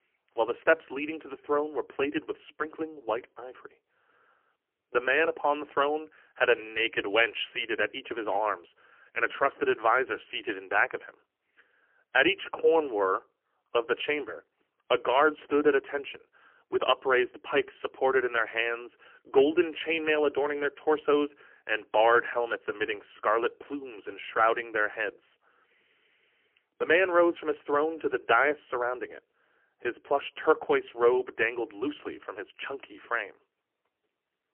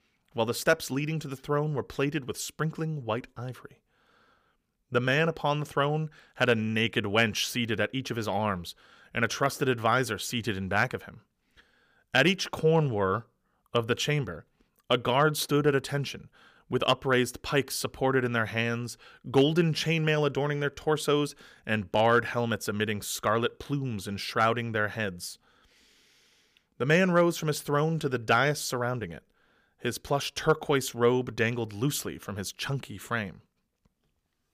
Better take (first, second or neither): second